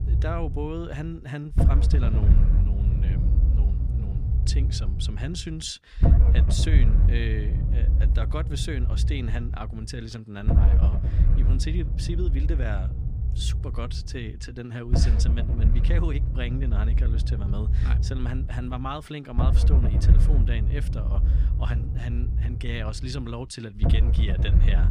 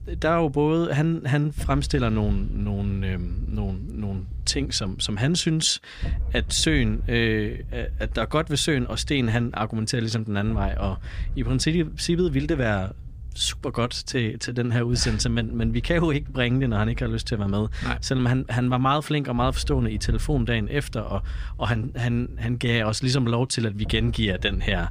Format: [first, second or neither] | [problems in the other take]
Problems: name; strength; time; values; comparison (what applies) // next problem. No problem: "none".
second | low rumble; loud; throughout; 3 dB below the speech; faint in the second